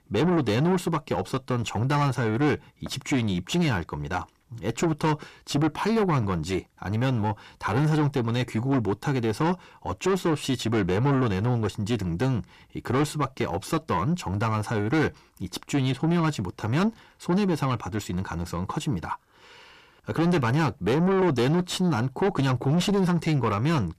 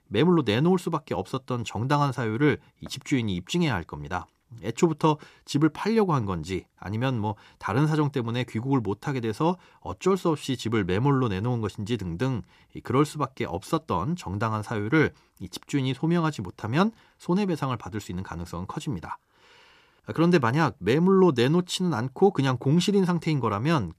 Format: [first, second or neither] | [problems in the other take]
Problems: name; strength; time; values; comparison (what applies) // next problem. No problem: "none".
second | distortion; heavy; 7 dB below the speech